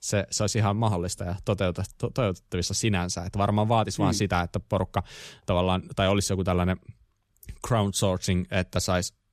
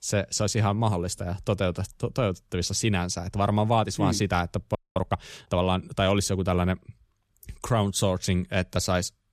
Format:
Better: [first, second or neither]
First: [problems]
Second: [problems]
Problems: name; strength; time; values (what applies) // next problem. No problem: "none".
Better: first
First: none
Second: audio freezing; at 5 s